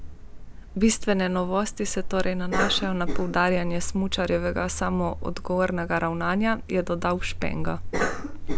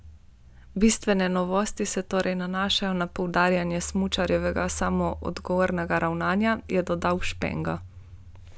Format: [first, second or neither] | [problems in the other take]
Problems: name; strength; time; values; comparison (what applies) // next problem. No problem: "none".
second | background sound (Cough); 3 dB below the speech